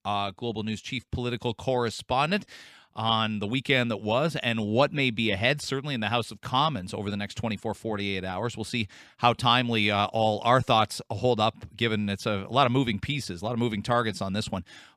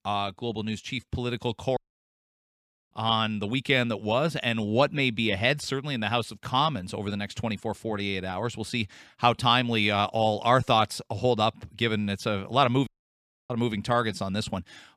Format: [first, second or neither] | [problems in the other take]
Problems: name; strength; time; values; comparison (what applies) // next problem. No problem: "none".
first | audio cutting out; at 2 s for 1 s and at 13 s for 0.5 s